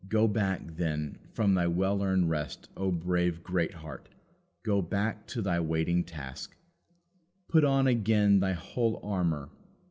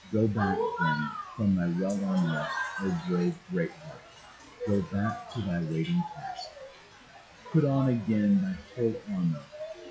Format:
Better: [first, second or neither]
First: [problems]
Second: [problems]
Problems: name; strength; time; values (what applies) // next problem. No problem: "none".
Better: first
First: none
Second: noise reduction (classical method log-MMSE)